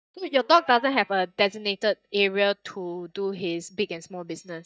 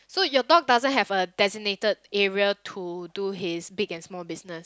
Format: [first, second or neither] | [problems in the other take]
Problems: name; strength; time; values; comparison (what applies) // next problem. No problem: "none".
second | noise reduction (neural mask model DeepFilterNet 3)